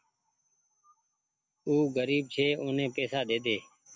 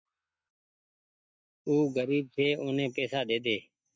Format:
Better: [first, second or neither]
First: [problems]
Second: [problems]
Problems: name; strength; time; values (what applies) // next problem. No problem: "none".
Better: first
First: none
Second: noise reduction (neural mask model DeepFilterNet 3)